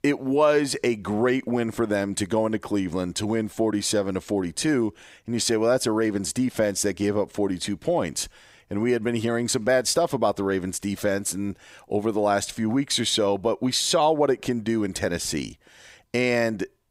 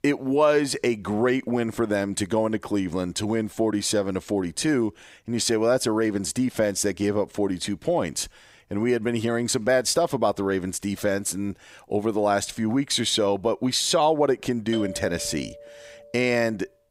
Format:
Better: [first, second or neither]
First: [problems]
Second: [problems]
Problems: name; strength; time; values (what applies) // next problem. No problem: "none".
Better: first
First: none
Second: doorbell; faint; from 15 to 16 s; peak 10 dB below the speech